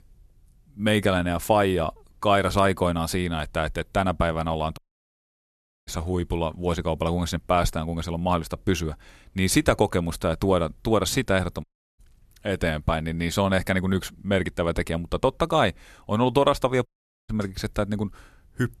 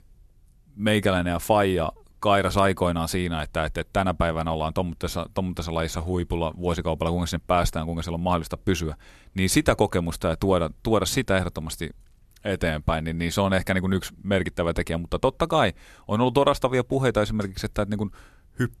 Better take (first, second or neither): second